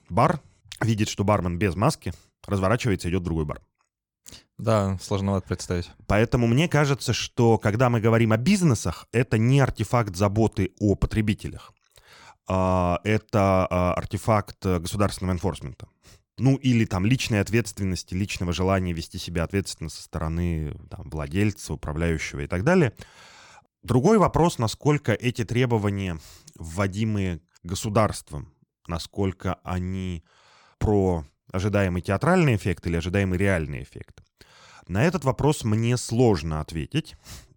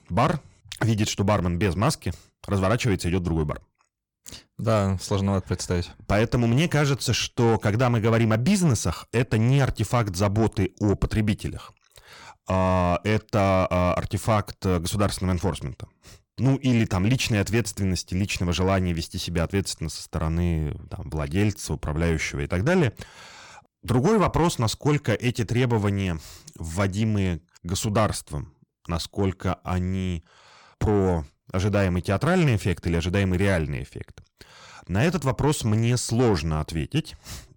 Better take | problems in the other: first | distortion; slight; 10 dB below the speech

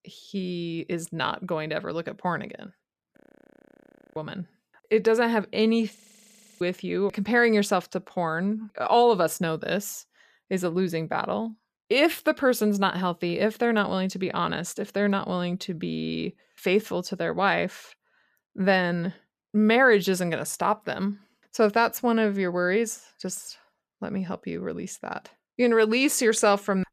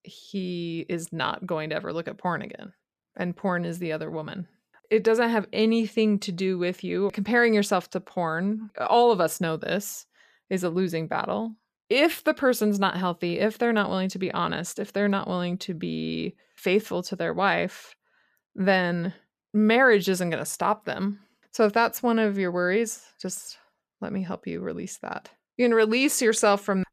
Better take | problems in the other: second | audio freezing; at 3 s for 1 s and at 6 s for 0.5 s

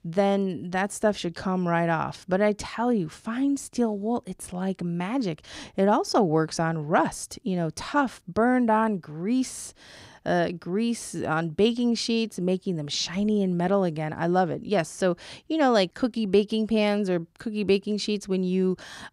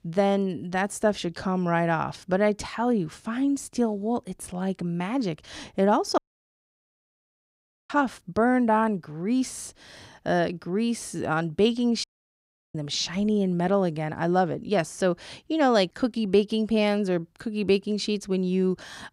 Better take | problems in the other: first | audio cutting out; at 6 s for 1.5 s and at 12 s for 0.5 s

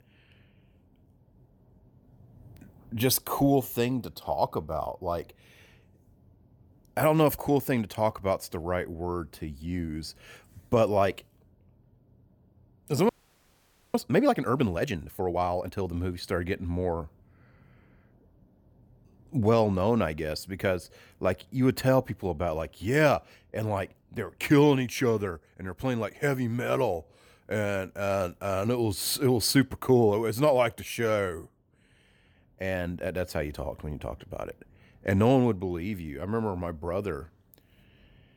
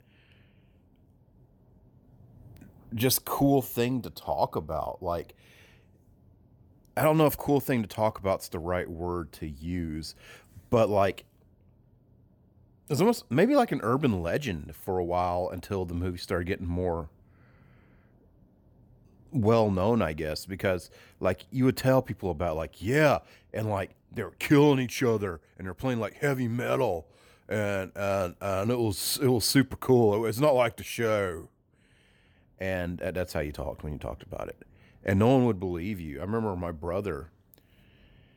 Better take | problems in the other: second | audio freezing; at 13 s for 1 s

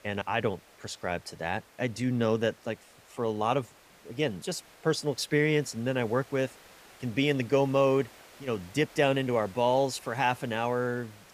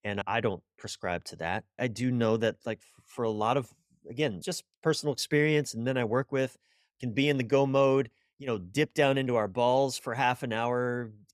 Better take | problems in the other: second | hiss; faint; throughout; 25 dB below the speech

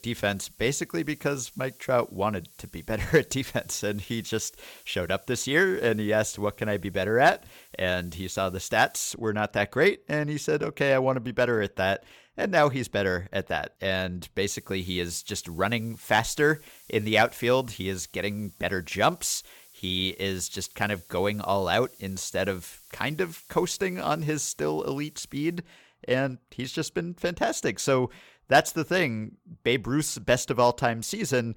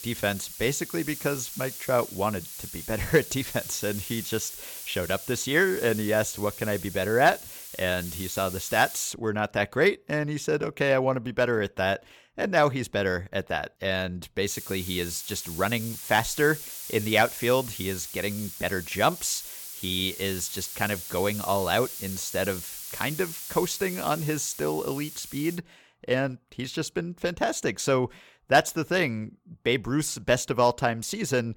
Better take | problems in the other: first | hiss; loud; until 9 s and from 14 to 26 s; 9 dB below the speech; faint in the first

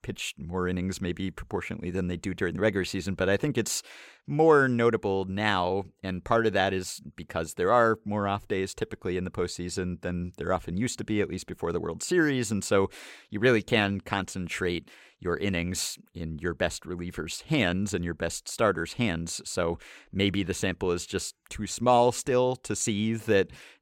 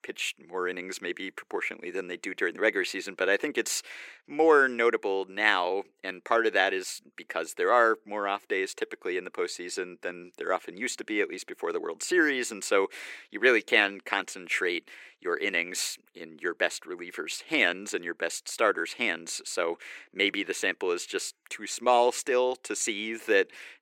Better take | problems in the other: first | thin; somewhat; fading below 350 Hz

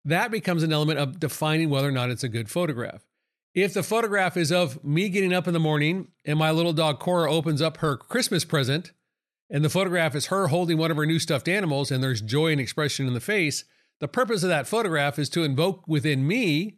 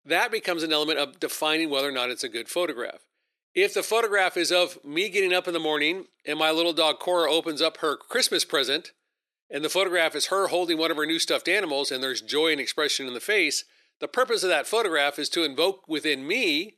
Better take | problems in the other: first | thin; somewhat; fading below 350 Hz

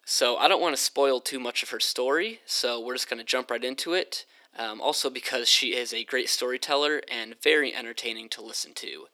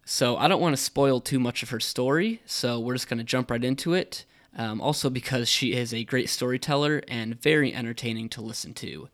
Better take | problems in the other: second | thin; somewhat; fading below 350 Hz

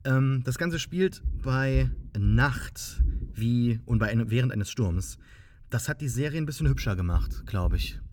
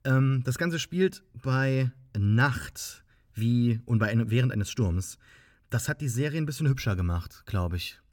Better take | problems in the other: second | low rumble; faint; throughout; 20 dB below the speech

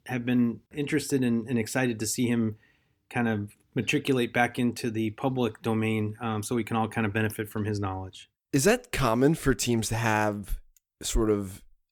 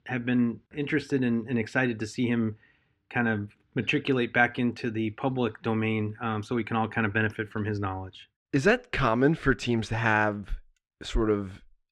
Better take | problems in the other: first | muffled; slightly; fading above 3 kHz

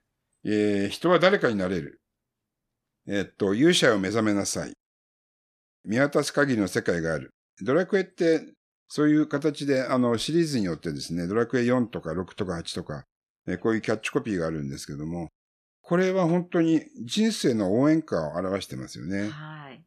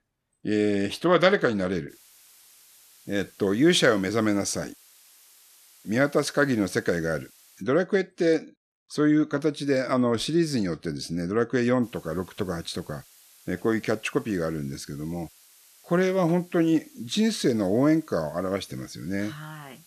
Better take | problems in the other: first | hiss; faint; from 2 to 7.5 s and from 12 s on; 25 dB below the speech

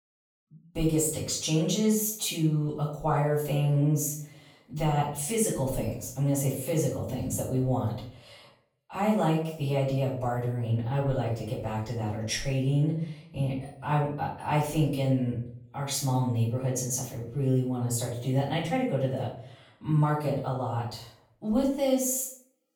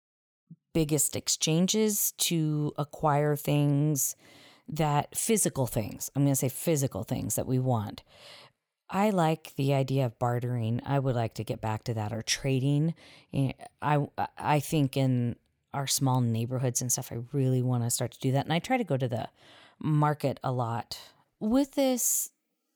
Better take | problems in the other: second | off-mic speech; far // room echo; noticeable; dies away in 0.5 s

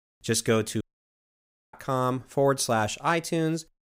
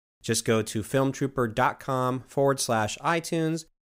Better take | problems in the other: second | audio cutting out; at 1 s for 1 s

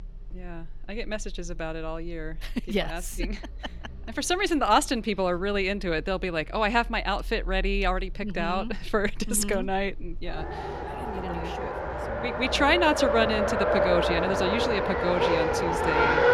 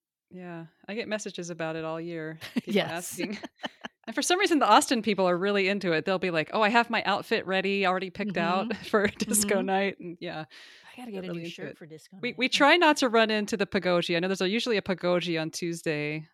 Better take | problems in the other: second | traffic noise; loud; throughout; 1 dB below the speech

